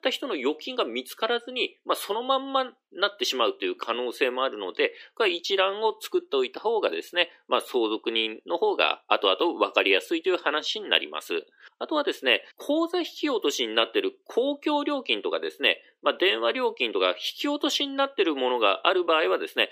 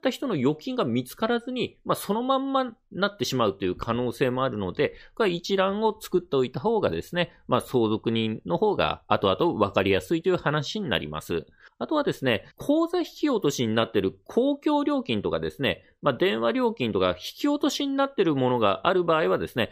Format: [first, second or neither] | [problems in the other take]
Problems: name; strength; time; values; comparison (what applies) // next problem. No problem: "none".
second | thin; somewhat; fading below 300 Hz